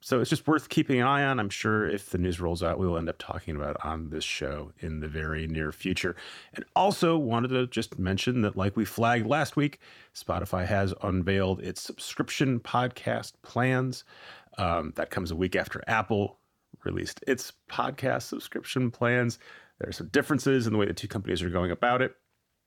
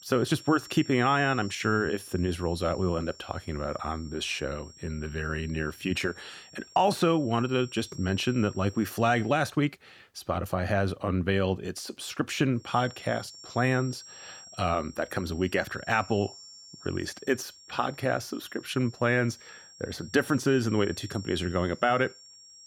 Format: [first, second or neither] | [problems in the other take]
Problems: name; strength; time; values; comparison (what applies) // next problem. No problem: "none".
first | high-pitched whine; noticeable; until 9.5 s and from 13 s on; 5.5 kHz, 20 dB below the speech